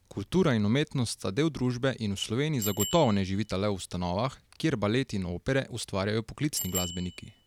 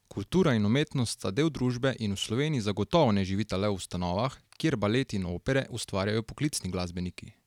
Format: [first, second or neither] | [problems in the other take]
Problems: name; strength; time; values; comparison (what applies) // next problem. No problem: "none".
second | background sound (Bicycle bell); 15 dB below the speech